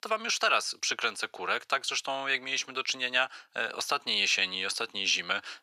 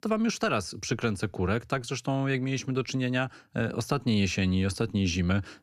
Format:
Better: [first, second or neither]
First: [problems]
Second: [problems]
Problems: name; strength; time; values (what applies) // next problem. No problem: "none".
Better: second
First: thin; very; fading below 850 Hz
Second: none